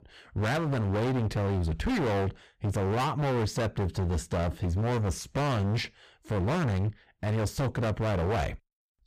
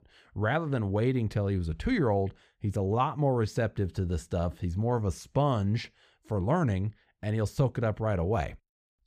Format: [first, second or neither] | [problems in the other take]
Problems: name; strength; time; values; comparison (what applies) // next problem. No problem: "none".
second | distortion; heavy; 34% of the sound clipped